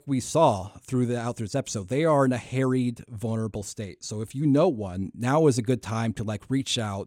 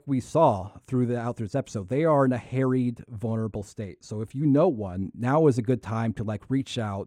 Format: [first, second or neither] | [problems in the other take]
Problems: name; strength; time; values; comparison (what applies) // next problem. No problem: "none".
first | muffled; slightly; fading above 2.5 kHz